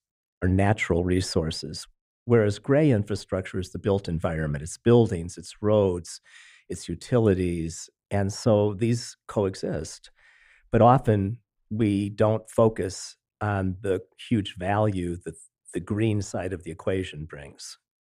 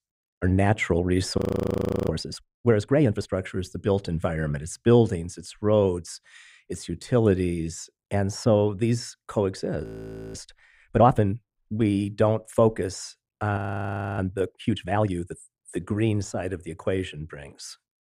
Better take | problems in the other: first | audio freezing; at 1.5 s for 0.5 s, at 10 s for 0.5 s and at 14 s for 0.5 s

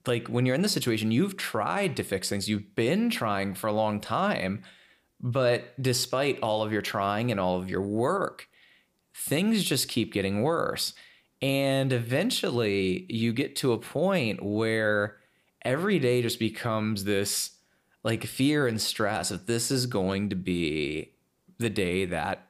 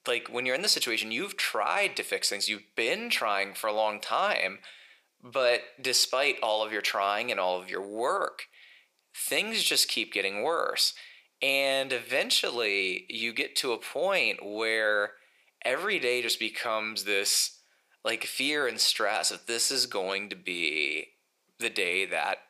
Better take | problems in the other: first | thin; very; fading below 600 Hz

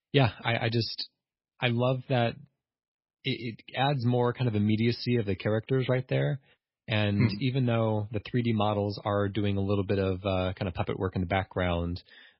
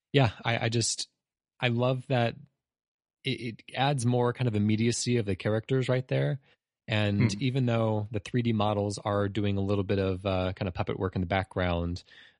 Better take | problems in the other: second | garbled, watery; badly; nothing above 5.5 kHz; slightly in the second

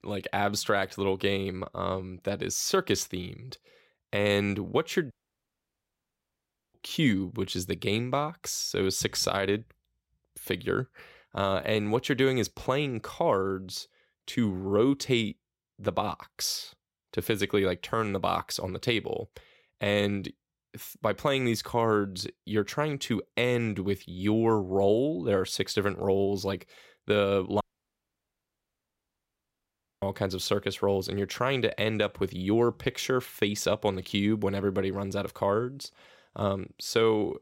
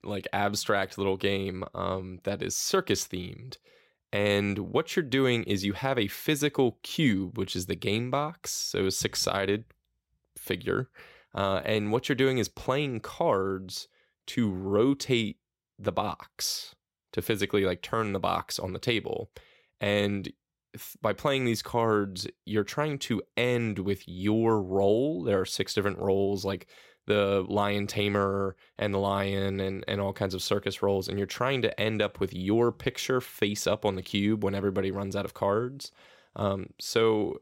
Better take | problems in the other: second | audio cutting out; at 5 s for 1.5 s and at 28 s for 2.5 s

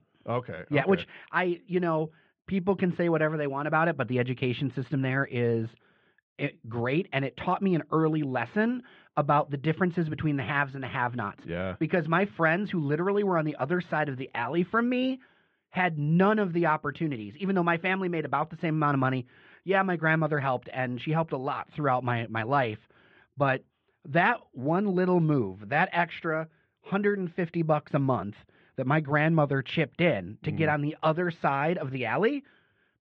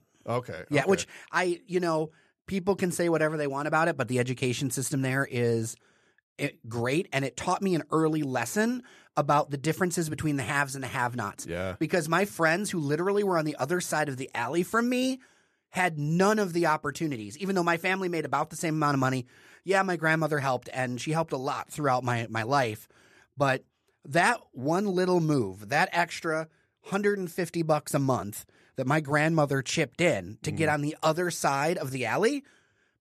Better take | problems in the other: second | muffled; very; fading above 3.5 kHz

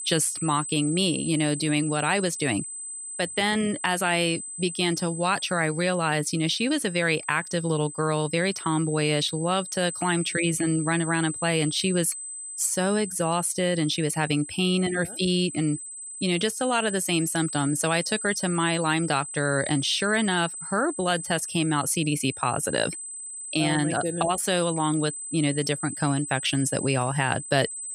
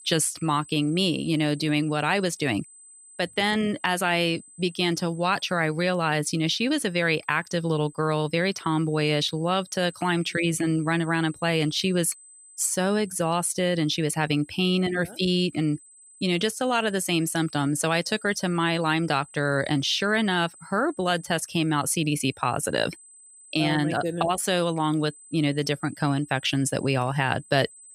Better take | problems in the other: second | high-pitched whine; loud; throughout; 8 kHz, 8 dB below the speech; faint in the second

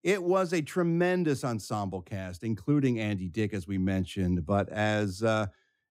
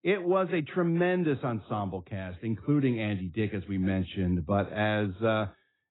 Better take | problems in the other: first | garbled, watery; badly; nothing above 4 kHz

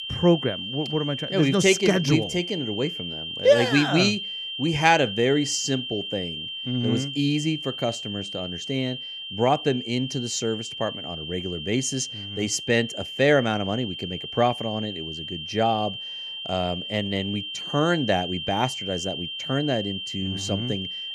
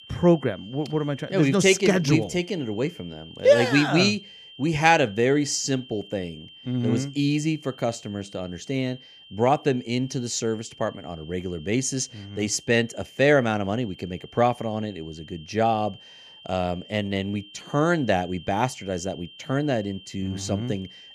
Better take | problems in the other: second | high-pitched whine; loud; throughout; 3 kHz, 7 dB below the speech; faint in the second

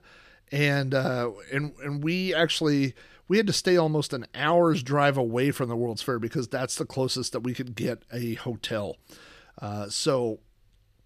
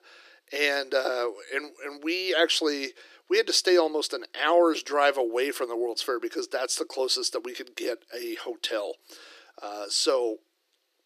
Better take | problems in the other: first | thin; very; fading below 350 Hz

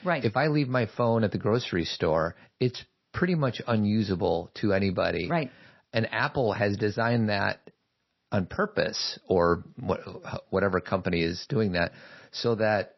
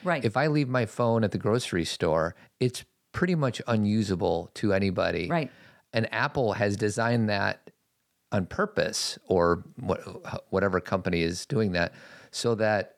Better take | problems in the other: second | garbled, watery; slightly; nothing above 5.5 kHz

